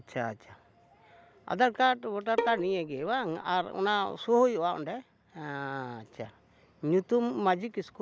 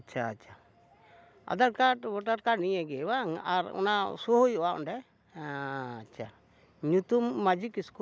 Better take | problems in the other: second | background sound (Bowed string instrument); 6 dB below the speech

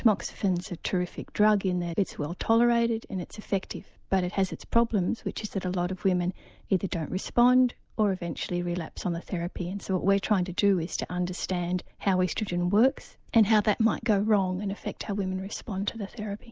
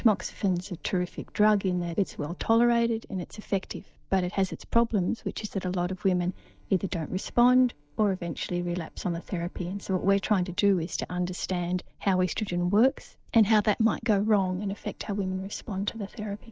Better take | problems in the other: first | noise reduction (neural separator model SepFormer DNS4)

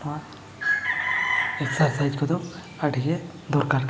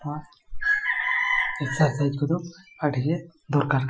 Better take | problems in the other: first | noise reduction (classical method Wiener filter)

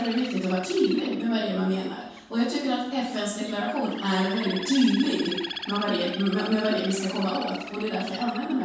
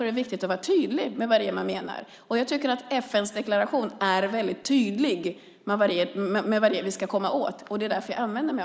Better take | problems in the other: second | background sound (Bird); 12 dB below the speech // room echo; dies away in 0.6 s

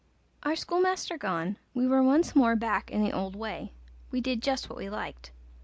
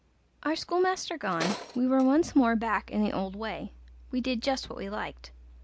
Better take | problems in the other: first | background sound (Tools); 11 dB below the speech

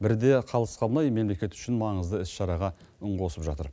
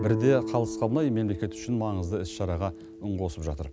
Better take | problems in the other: first | background sound (Guitar); 9 dB below the speech

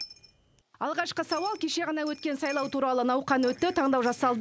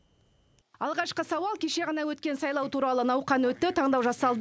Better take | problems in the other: second | background sound (Coin (dropping)); 19 dB below the speech

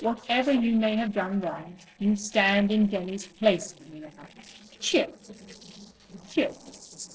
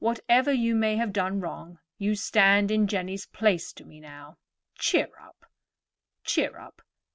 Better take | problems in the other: second | noise reduction (neural separator model SepFormer DNS4)

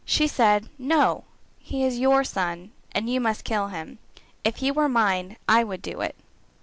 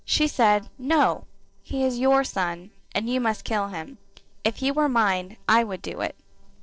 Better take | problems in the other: first | noise reduction (neural separator model SepFormer DNS4)

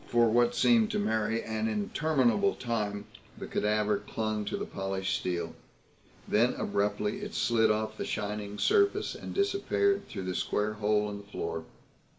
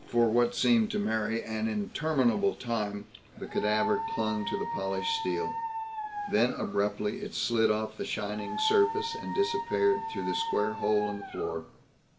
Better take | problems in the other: first | background sound (Dog); 6 dB below the speech

